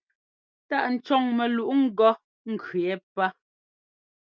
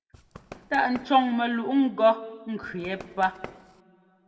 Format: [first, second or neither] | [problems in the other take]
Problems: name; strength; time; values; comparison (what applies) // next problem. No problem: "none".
first | background sound (Run); 18 dB below the speech // room echo; dies away in 1.5 s